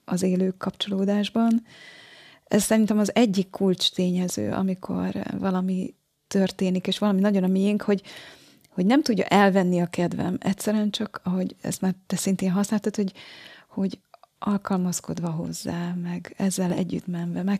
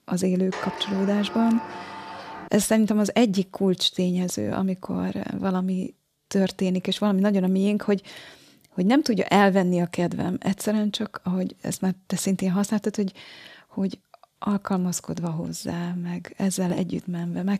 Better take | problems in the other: first | door banging; noticeable; from 0.5 to 2.5 s; peak 9 dB below the speech

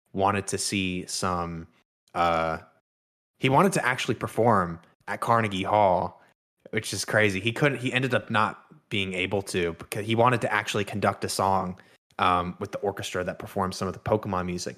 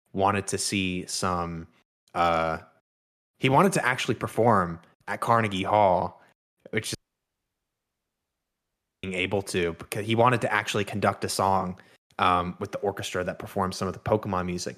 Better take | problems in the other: first | audio cutting out; at 7 s for 2 s

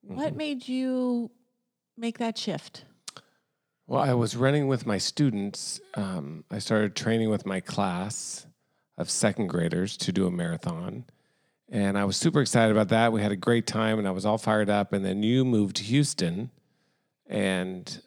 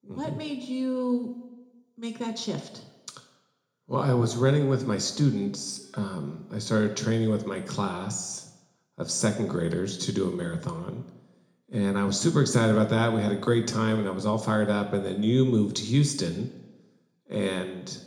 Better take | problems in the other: first | room echo; slight; dies away in 0.6 s // off-mic speech; somewhat distant

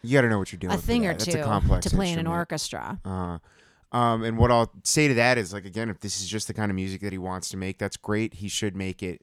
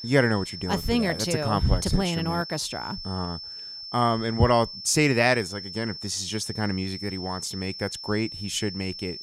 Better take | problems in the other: first | high-pitched whine; loud; throughout; 5.5 kHz, 9 dB below the speech

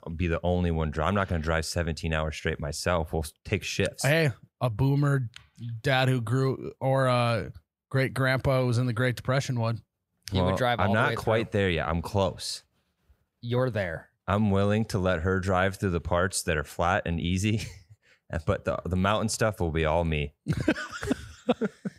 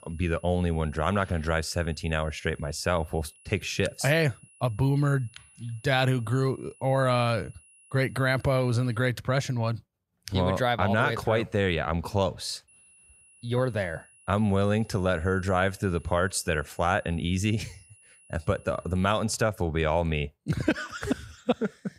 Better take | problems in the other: first | high-pitched whine; faint; until 9 s and from 13 to 19 s; 10 kHz, 25 dB below the speech

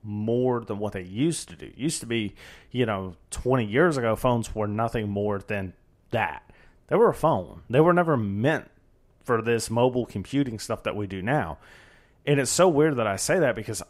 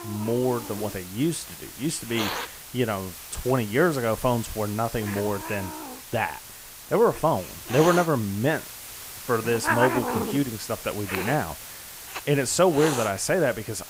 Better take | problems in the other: first | hiss; loud; throughout; 8 dB below the speech

